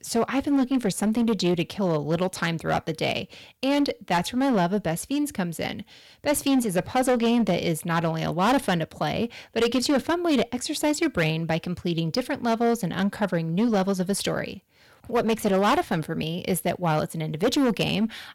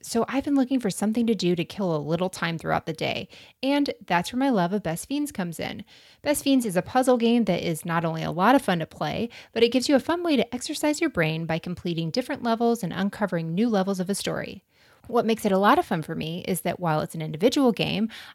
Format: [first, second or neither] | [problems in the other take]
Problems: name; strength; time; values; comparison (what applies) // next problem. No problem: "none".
second | distortion; slight; 8% of the sound clipped